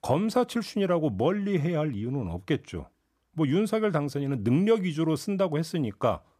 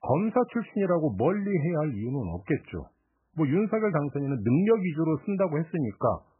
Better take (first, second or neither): first